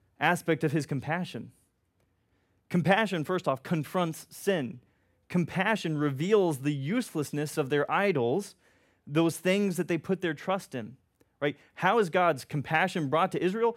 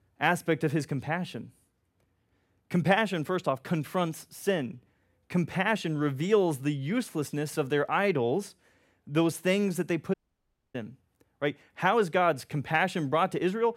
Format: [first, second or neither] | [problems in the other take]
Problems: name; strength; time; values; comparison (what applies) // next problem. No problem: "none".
first | audio cutting out; at 10 s for 0.5 s